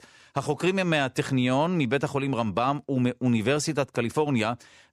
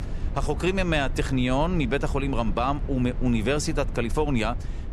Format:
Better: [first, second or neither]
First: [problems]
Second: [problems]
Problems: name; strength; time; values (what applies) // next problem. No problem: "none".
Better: first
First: none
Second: low rumble; noticeable; throughout; 15 dB below the speech